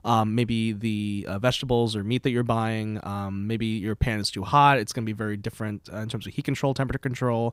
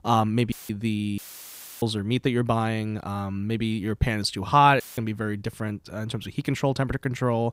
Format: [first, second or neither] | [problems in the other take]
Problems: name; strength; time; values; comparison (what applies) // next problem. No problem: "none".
first | audio cutting out; filled with static; at 0.5 s, at 1 s for 0.5 s and at 5 s